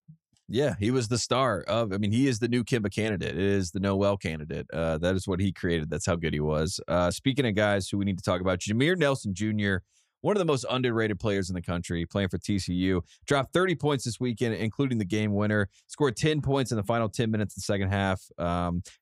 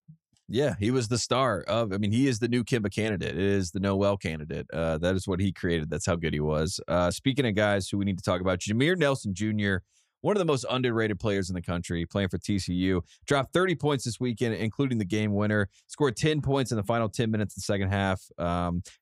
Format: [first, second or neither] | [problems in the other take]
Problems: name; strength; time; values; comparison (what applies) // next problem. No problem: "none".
neither | none